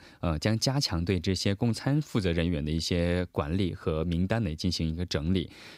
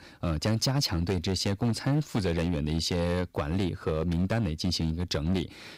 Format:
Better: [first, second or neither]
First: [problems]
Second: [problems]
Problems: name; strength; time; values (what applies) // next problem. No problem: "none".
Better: first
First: none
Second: distortion; slight; 8% of the sound clipped